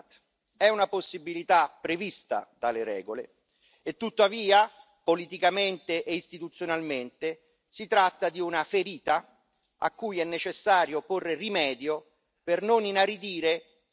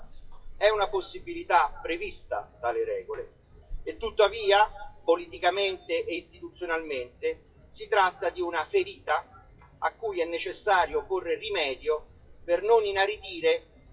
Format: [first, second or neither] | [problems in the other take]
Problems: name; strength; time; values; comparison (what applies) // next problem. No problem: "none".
first | noise reduction (classical method WPE with log-MMSE)